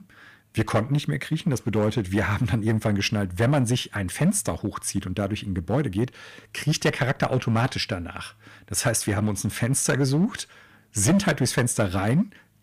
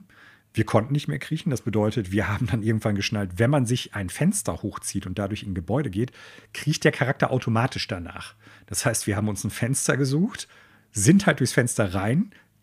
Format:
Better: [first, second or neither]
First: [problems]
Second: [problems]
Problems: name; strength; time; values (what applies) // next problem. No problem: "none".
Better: second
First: distortion; slight; 5% of the sound clipped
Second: none